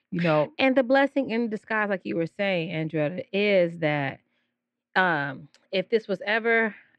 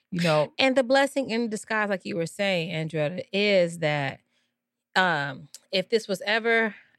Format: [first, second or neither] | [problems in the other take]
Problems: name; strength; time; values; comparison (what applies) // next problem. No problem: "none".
second | muffled; slightly; fading above 2.5 kHz